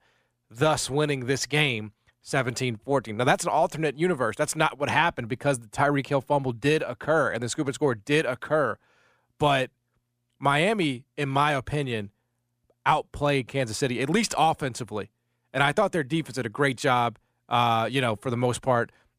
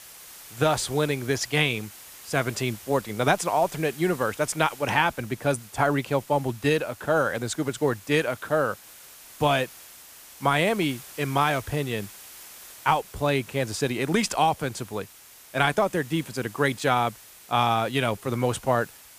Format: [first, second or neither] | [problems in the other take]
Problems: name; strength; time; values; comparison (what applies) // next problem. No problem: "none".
first | hiss; noticeable; throughout; 20 dB below the speech